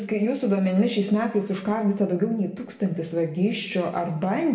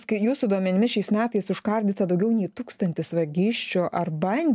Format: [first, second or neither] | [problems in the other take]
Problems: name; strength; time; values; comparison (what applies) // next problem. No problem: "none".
second | room echo; dies away in 0.8 s